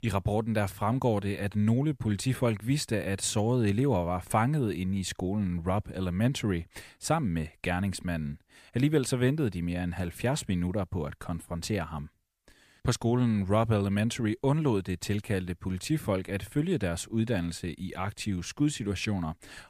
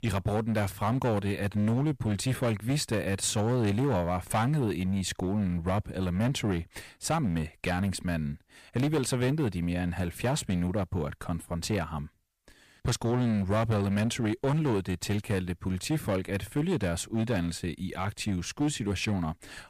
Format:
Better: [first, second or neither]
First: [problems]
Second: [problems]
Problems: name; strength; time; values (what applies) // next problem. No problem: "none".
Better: first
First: none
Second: distortion; slight; 10% of the sound clipped